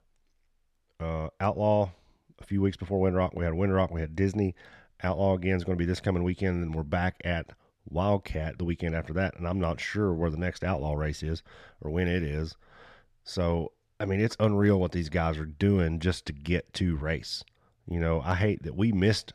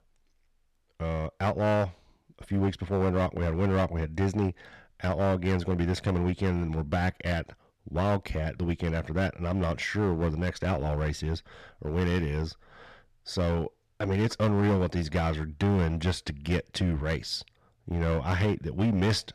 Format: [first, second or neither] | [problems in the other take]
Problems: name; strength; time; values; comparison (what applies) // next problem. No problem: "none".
first | distortion; slight; 9% of the sound clipped